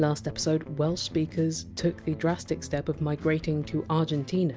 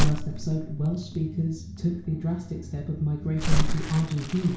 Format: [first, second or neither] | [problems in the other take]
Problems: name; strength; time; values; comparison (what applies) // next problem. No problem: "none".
first | background sound (Crumpling, crinkling); as loud as the speech // room echo; dies away in 0.6 s